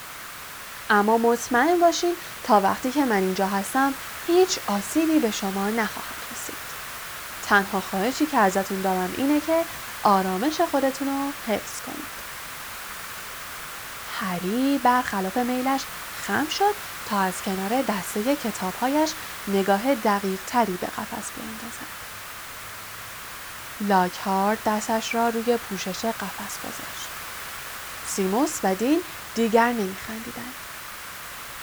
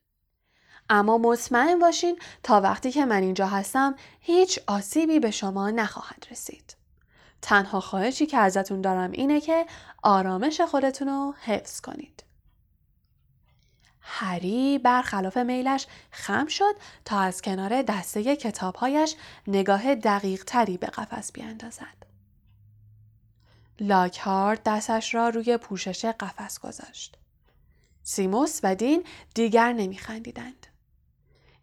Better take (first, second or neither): second